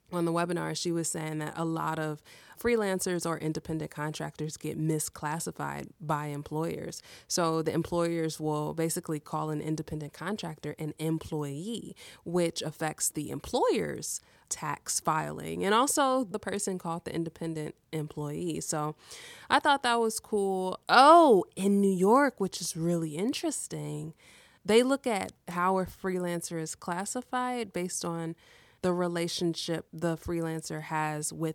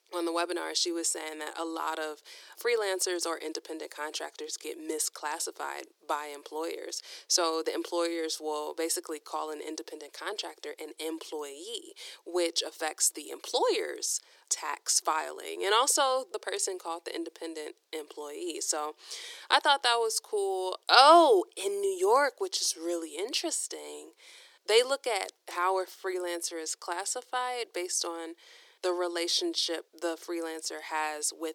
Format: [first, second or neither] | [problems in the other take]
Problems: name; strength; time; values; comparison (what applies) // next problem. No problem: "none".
first | thin; very; fading below 350 Hz